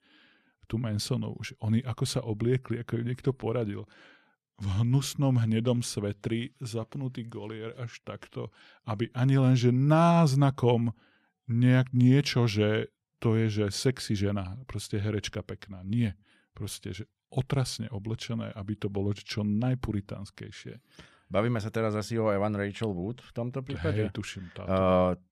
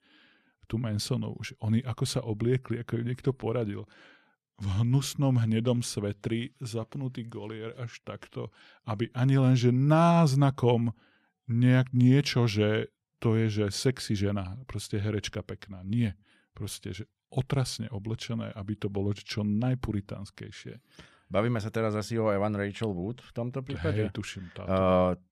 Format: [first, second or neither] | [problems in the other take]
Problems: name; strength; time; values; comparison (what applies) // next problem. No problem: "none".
neither | none